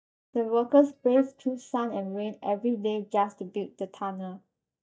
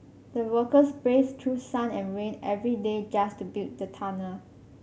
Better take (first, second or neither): second